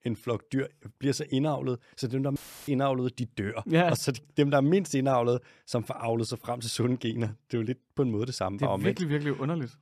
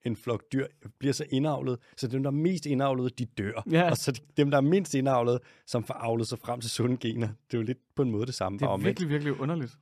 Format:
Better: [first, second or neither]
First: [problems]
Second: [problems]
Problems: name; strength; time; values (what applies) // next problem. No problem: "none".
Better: second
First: audio cutting out; filled with static; at 2.5 s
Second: none